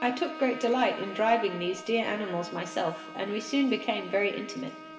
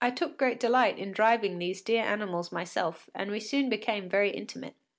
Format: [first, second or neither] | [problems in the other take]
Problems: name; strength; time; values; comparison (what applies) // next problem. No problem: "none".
second | background sound (Bowed string instrument); 14 dB below the speech // room echo; dies away in 2.6 s